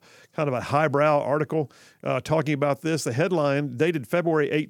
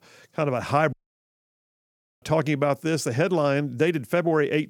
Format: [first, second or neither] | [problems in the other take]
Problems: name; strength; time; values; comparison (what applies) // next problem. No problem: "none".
first | audio cutting out; at 1 s for 1.5 s